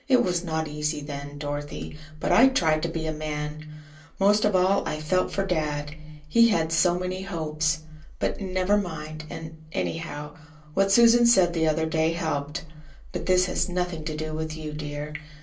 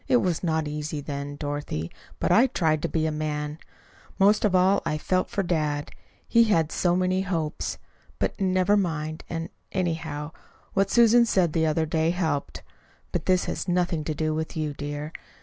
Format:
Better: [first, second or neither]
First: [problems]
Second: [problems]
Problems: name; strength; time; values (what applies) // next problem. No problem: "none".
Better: second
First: room echo; dies away in 0.3 s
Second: none